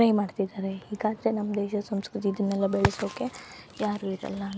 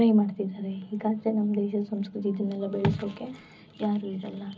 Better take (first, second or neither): first